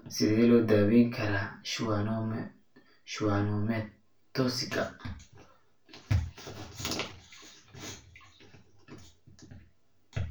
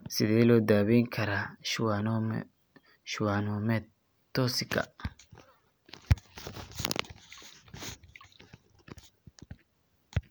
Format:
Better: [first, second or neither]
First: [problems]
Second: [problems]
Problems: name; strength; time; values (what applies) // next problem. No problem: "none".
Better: second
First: room echo; dies away in 0.3 s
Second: none